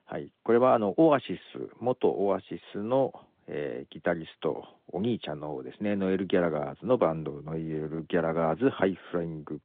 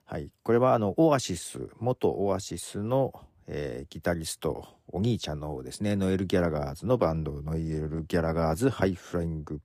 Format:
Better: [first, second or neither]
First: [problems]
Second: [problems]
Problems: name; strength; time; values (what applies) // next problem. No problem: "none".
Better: second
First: phone-call audio; nothing above 3.5 kHz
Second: none